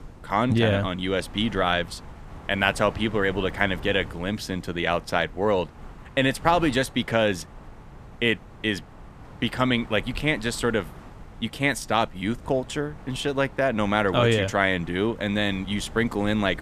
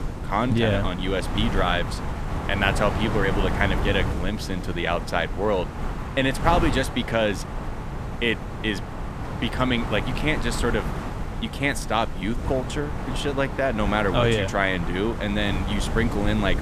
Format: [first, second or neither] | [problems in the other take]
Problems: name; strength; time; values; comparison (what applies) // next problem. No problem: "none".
first | wind noise on the microphone; heavy; 8 dB below the speech; occasional gusts in the first